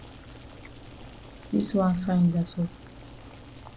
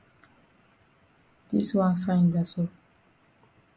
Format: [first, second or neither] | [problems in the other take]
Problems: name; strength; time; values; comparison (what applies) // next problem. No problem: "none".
second | background sound (Boiling); 16 dB below the speech